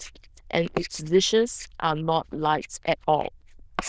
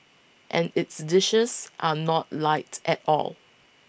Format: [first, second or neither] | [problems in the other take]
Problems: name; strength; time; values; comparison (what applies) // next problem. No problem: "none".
second | noise reduction (neural diffusion model UNIVERSE++)